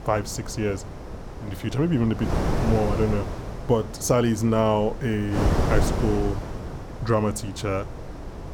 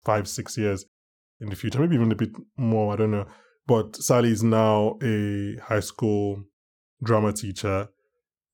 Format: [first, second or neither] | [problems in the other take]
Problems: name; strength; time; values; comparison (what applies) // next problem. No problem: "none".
second | wind noise on the microphone; heavy; 7 dB below the speech